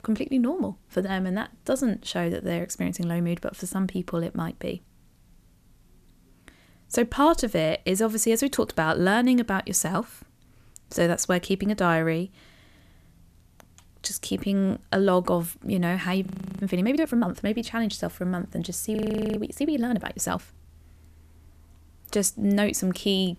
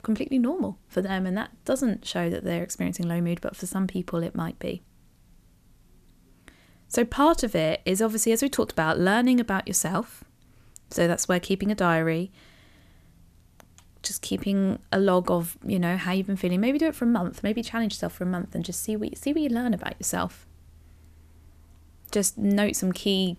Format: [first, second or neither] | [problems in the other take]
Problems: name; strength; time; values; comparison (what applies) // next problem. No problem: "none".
second | audio freezing; at 16 s and at 19 s